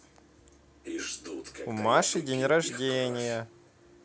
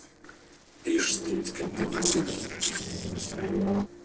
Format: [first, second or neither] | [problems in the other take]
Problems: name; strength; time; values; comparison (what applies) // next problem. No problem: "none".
first | noise reduction (neural separator model SepFormer DNS4)